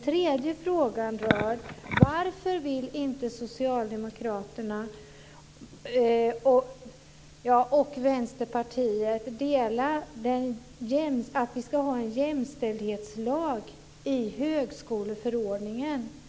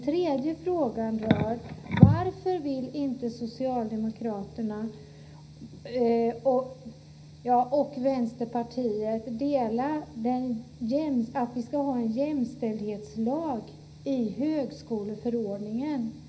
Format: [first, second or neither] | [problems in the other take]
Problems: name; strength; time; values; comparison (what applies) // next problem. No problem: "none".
first | room echo; dies away in 0.5 s